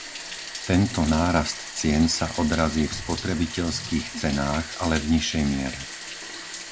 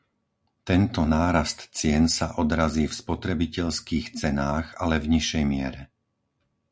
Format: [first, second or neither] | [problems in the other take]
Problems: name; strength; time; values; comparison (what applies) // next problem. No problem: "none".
second | background sound (Bathtub (filling or washing)); 11 dB below the speech